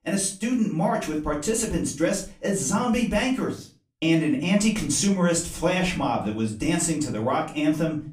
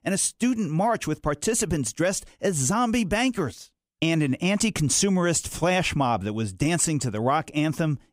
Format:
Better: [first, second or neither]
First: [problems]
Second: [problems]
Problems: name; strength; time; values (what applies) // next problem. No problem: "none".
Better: second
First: off-mic speech; far // room echo; slight; dies away in 0.3 s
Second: none